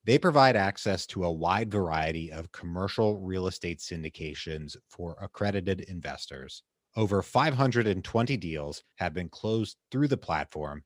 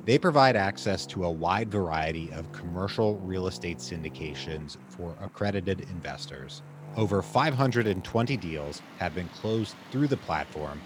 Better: first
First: none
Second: traffic noise; noticeable; throughout; 15 dB below the speech

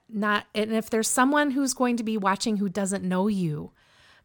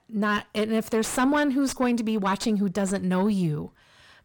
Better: first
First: none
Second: distortion; slight; 10 dB below the speech

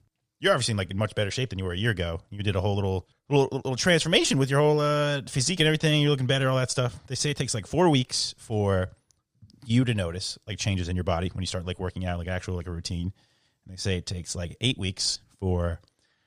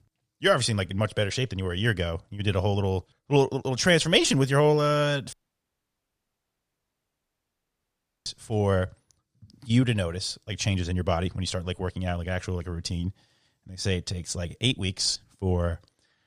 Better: first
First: none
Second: audio cutting out; at 5.5 s for 3 s

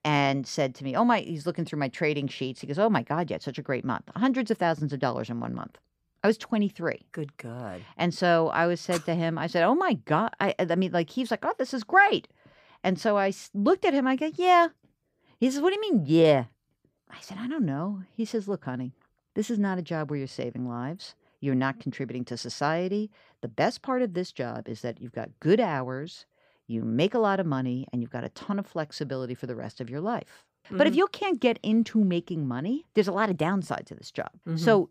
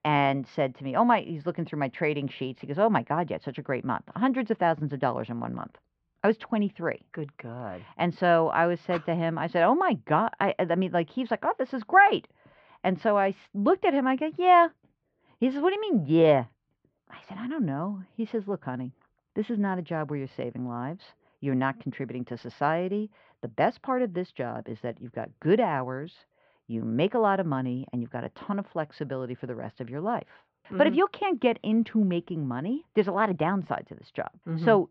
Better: first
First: none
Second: muffled; very; fading above 3 kHz

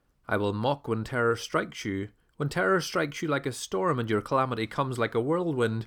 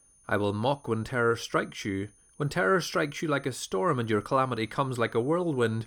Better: first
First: none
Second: high-pitched whine; faint; throughout; 9.5 kHz, 30 dB below the speech

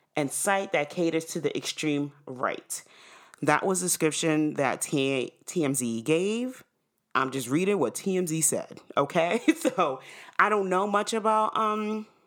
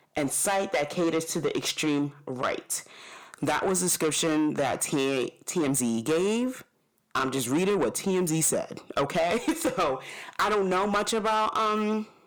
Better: first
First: none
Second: distortion; heavy; 7 dB below the speech

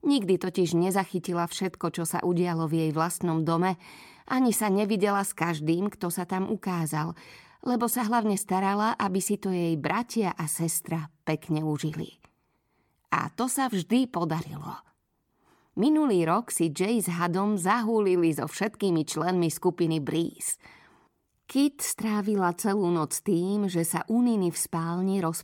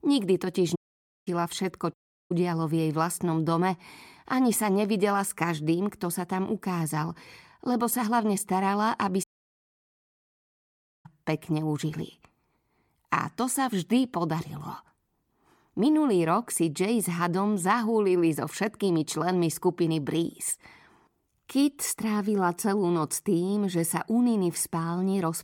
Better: first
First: none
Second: audio cutting out; at 1 s for 0.5 s, at 2 s and at 9 s for 2 s

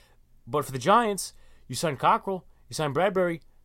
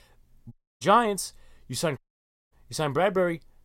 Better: first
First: none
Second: audio cutting out; at 0.5 s and at 2 s for 0.5 s

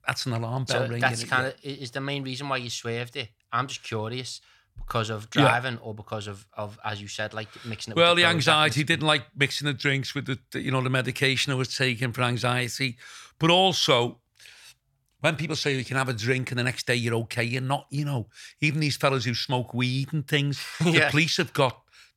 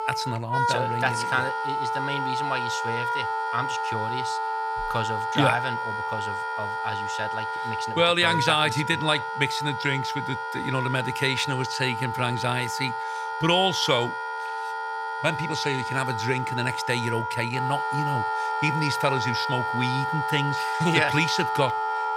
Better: first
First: none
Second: background music; loud; throughout; 2 dB below the speech

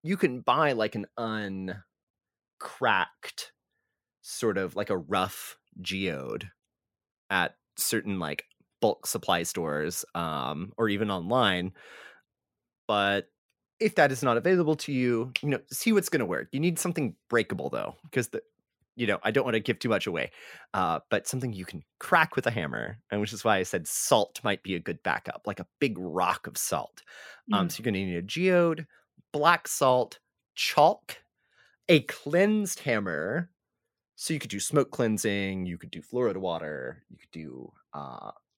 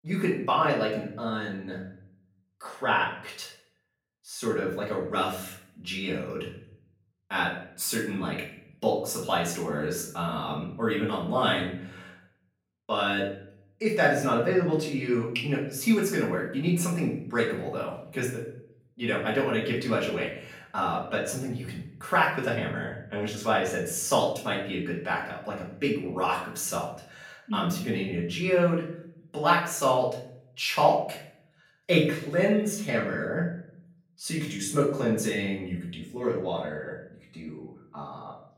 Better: first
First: none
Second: off-mic speech; far // room echo; noticeable; dies away in 0.5 s

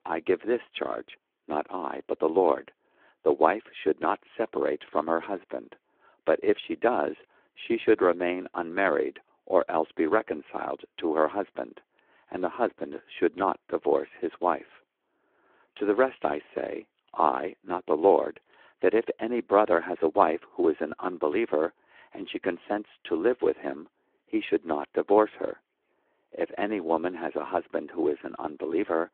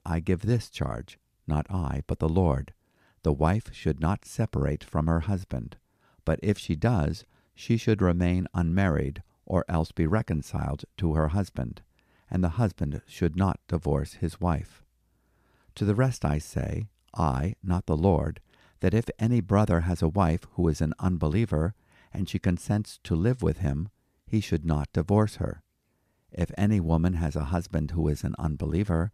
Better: second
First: phone-call audio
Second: none

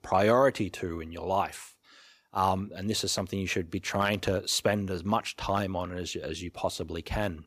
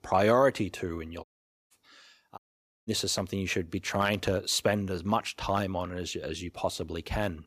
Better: first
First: none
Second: audio cutting out; at 1 s and at 2.5 s

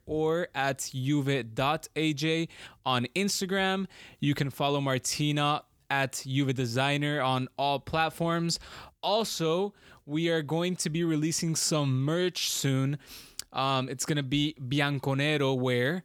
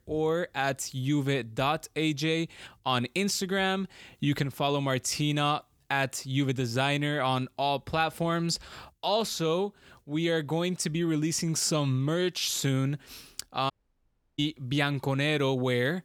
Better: first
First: none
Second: audio cutting out; at 14 s for 0.5 s

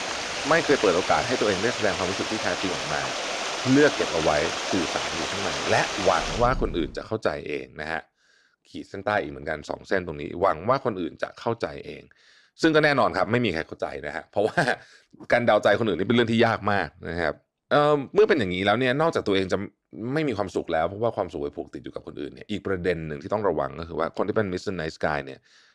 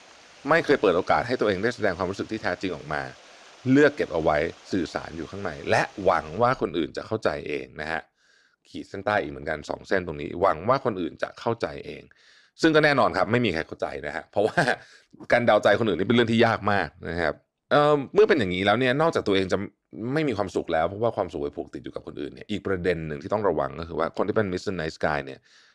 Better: second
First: rain or running water; loud; until 7 s; 3 dB below the speech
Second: rain or running water; faint; until 7 s; 25 dB below the speech

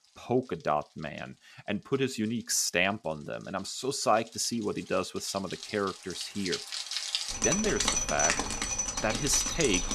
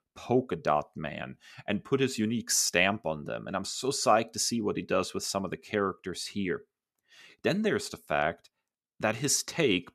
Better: second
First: rain or running water; very loud; throughout; 1 dB above the speech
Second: none

